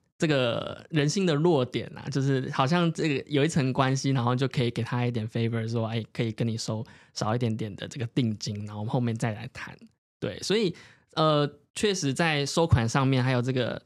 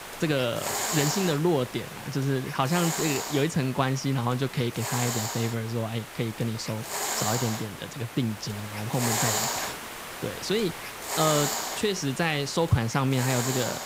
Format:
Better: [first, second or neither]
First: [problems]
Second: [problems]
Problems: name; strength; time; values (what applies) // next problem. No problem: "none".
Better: first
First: none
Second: hiss; loud; throughout; 4 dB below the speech